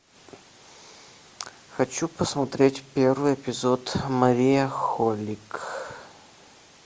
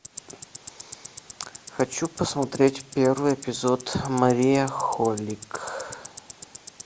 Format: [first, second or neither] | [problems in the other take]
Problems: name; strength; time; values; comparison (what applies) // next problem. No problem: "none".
first | background sound (Tick-tock); 17 dB below the speech